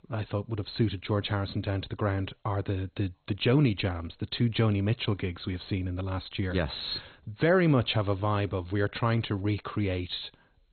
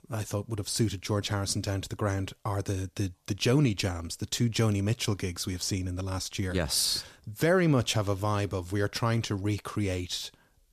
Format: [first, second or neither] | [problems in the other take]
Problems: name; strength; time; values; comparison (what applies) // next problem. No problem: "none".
second | garbled, watery; badly; nothing above 4 kHz